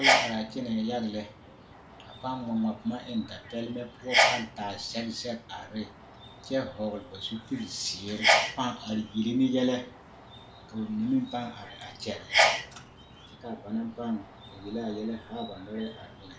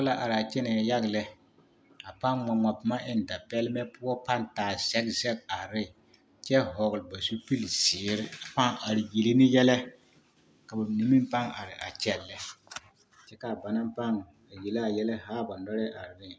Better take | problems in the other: second | background sound (Sneeze); 1 dB above the speech // room echo; dies away in 0.3 s

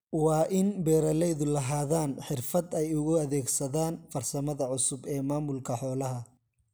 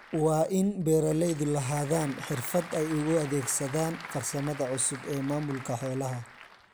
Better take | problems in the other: first | background sound (Applause / Crowd); 15 dB below the speech

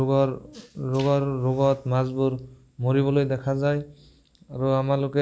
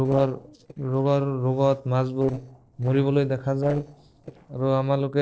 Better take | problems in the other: first | noise reduction (neural separator model SepFormer DNS4)

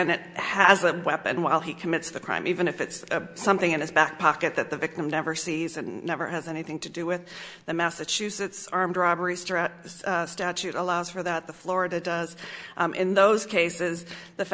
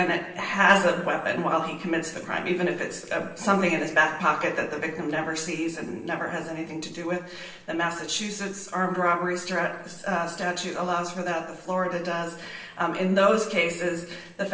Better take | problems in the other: first | room echo; dies away in 0.9 s

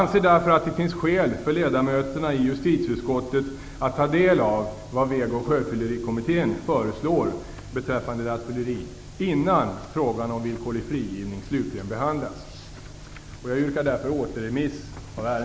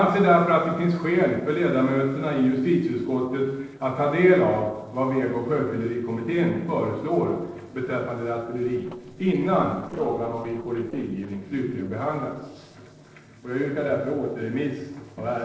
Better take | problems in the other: first | noise reduction (neural separator model SepFormer DNS4)

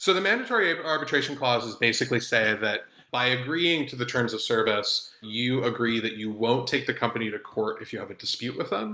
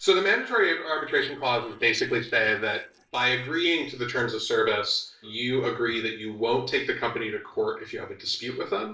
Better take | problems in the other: first | noise reduction (neural separator model SepFormer DNS4)

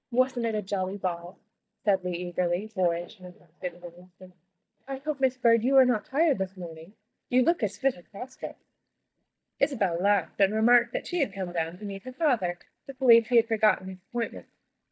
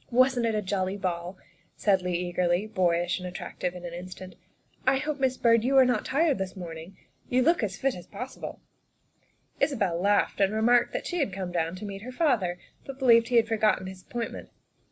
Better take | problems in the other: second | noise reduction (neural mask model DeepFilterNet 3)

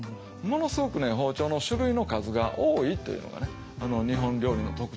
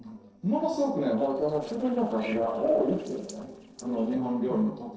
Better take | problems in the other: first | noise reduction (neural separator model SepFormer DNS4)

